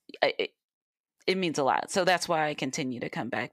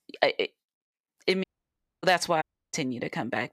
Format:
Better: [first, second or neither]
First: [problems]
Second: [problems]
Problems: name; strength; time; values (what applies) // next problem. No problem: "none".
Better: first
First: none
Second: audio cutting out; at 1.5 s for 0.5 s and at 2.5 s